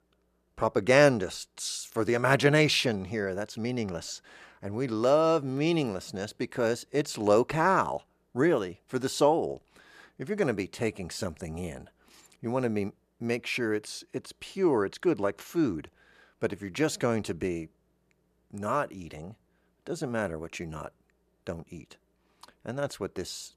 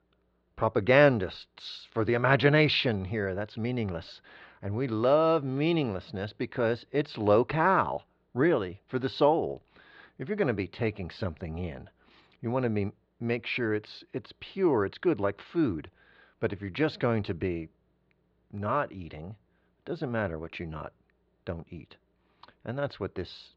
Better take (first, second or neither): first